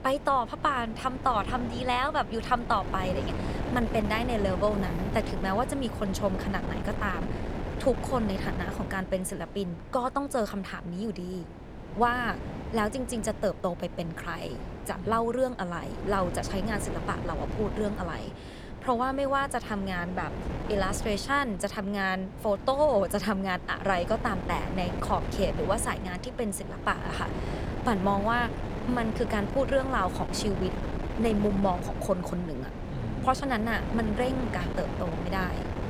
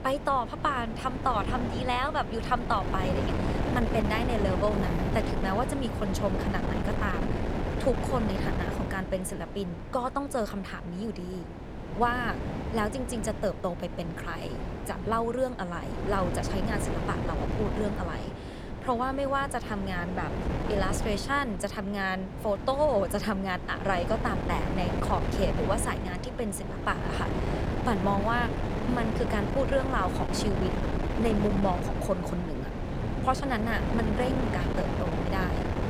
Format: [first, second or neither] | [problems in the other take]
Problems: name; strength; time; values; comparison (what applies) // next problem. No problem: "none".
first | wind noise on the microphone; heavy; 5 dB below the speech; occasional gusts in the first